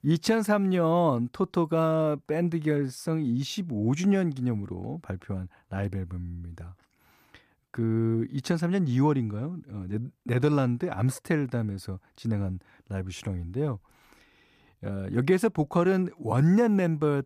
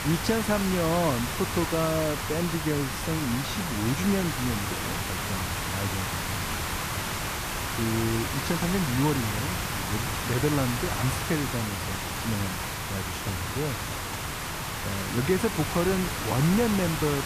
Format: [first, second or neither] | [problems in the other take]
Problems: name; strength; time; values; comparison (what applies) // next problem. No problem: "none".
first | hiss; loud; throughout; 1 dB below the speech